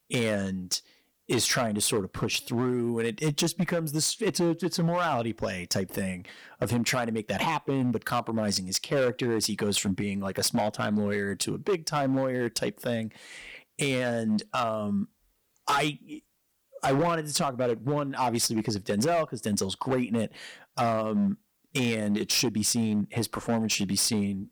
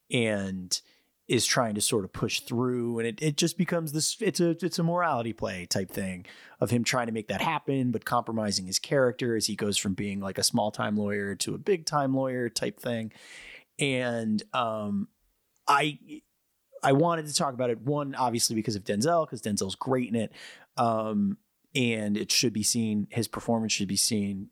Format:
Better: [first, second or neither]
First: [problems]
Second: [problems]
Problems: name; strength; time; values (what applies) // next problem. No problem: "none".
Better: second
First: distortion; slight; 8% of the sound clipped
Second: none